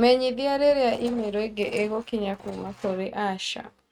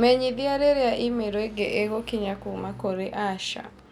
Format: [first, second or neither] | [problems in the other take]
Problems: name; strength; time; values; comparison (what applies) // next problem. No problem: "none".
second | noise reduction (neural mask model RNNoise)